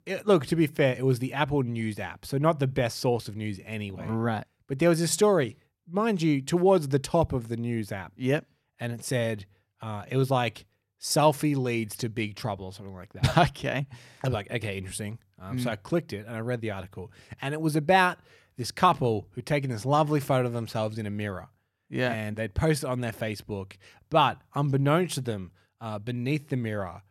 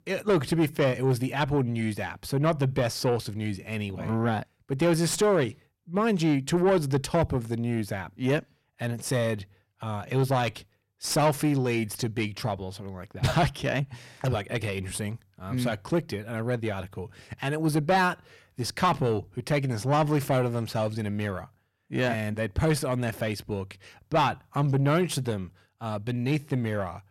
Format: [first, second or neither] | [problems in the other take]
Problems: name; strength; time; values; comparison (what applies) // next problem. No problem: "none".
first | distortion; slight; 10 dB below the speech